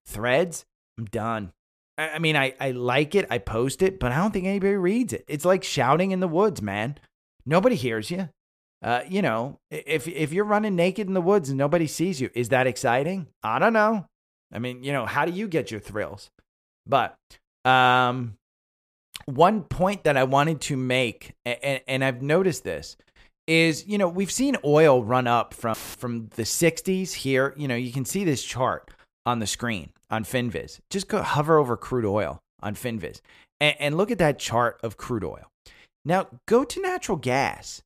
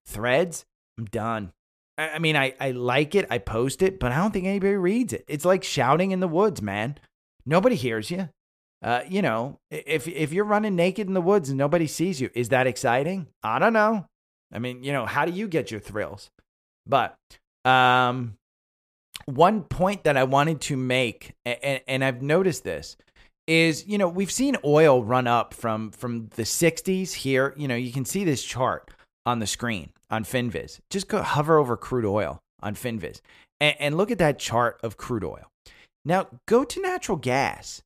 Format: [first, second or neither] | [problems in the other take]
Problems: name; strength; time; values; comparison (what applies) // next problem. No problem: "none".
second | audio cutting out; filled with static; at 26 s